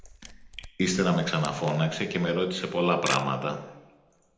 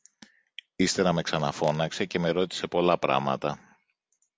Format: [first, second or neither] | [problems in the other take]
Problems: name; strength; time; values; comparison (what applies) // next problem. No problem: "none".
second | background sound (Camera); 16 dB below the speech // room echo; dies away in 0.8 s